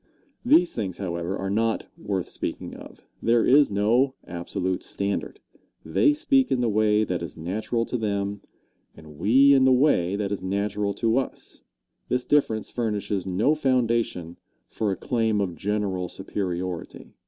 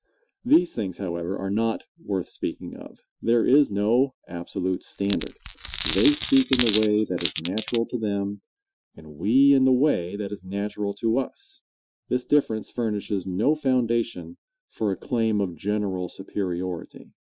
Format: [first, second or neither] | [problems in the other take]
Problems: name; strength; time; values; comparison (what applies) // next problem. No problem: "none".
first | noise reduction (classical method Wiener filter)